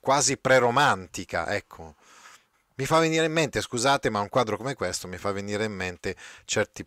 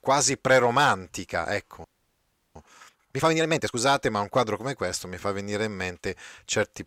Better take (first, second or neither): first